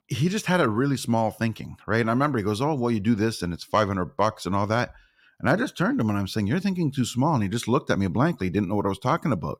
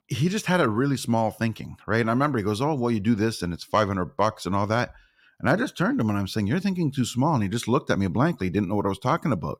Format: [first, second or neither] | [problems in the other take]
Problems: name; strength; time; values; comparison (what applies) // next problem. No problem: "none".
neither | none